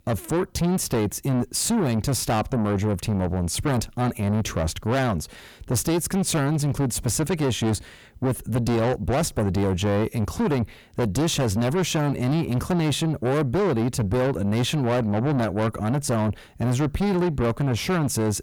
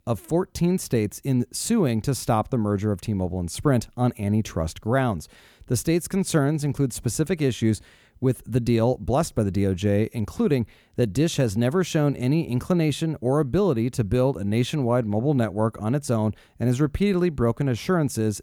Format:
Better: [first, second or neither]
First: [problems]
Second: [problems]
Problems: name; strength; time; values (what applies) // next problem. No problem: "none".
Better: second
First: distortion; heavy; 6 dB below the speech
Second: none